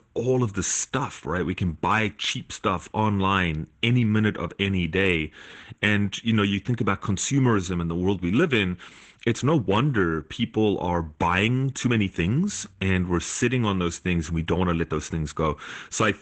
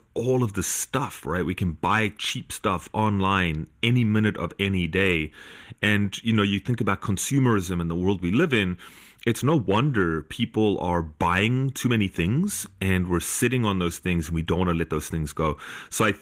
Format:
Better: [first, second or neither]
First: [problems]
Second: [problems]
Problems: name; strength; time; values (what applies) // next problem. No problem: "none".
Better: second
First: garbled, watery; badly; nothing above 8 kHz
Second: garbled, watery; slightly; nothing above 15.5 kHz